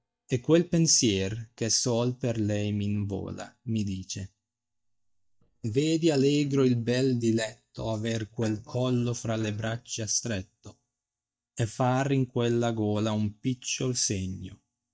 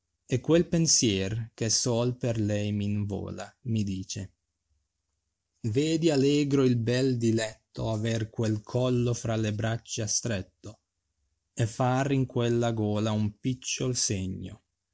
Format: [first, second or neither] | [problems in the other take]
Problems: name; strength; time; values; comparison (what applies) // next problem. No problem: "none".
second | noise reduction (neural mask model DeepFilterNet 3)